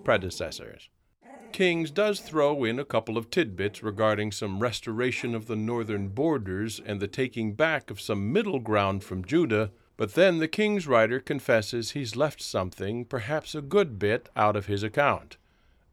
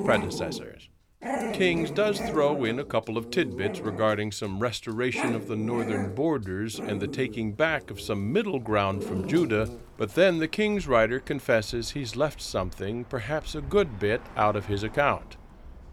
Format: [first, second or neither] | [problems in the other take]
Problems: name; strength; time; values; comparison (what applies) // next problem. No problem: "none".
first | animal sounds; loud; throughout; 9 dB below the speech; faint in the first